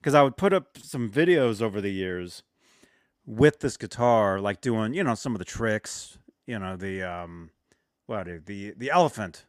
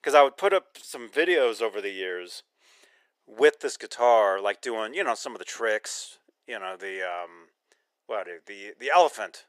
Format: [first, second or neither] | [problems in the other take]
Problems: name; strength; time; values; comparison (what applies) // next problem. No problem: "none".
first | thin; very; fading below 450 Hz